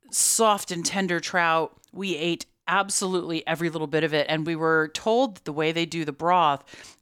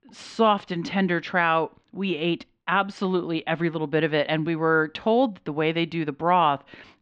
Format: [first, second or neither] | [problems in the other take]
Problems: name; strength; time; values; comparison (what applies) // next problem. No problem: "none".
first | muffled; very; fading above 3.5 kHz